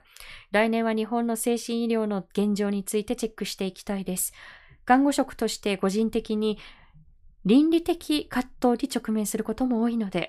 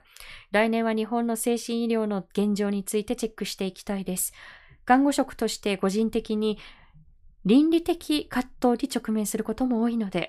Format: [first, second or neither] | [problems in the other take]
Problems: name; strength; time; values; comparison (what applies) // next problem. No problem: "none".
neither | none